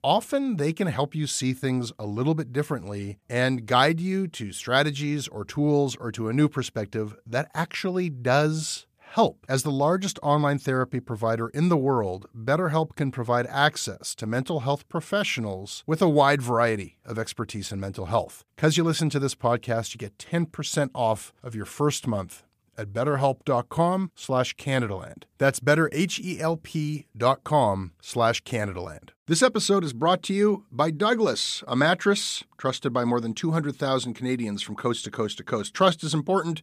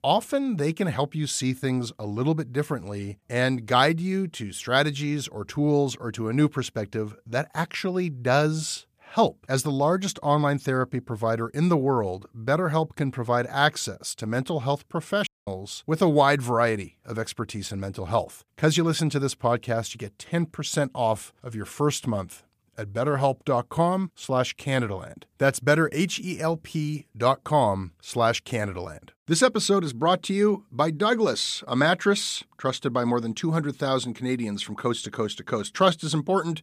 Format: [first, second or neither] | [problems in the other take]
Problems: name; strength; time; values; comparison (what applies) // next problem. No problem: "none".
first | audio cutting out; at 15 s